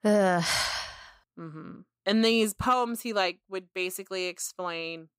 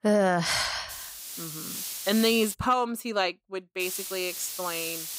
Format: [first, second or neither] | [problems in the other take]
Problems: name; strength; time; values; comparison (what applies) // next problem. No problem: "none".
first | hiss; loud; from 1 to 2.5 s and from 4 s on; 7 dB below the speech